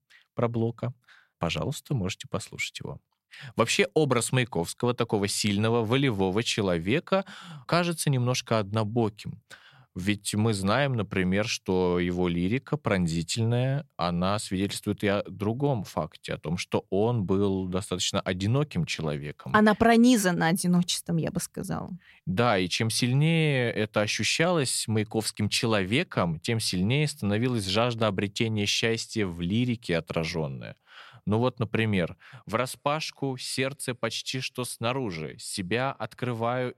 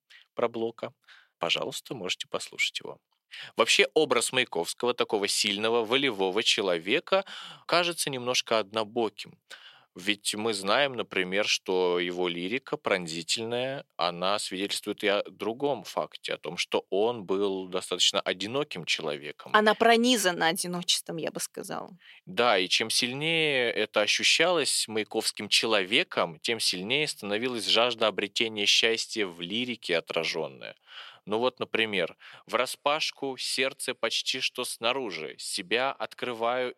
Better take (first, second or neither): first